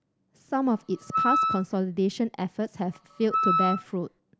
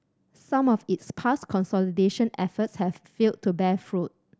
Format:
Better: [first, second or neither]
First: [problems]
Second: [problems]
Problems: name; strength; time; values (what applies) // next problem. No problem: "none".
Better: second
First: background sound (Wind instrument, woodwind instrument); as loud as the speech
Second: none